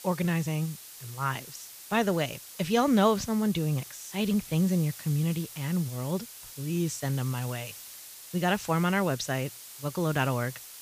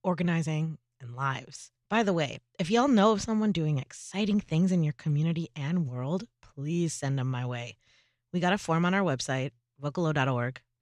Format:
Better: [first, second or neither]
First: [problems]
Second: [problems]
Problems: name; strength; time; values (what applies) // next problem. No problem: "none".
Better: second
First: hiss; noticeable; throughout; 15 dB below the speech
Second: none